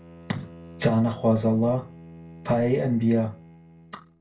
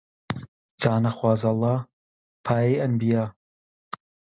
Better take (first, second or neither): second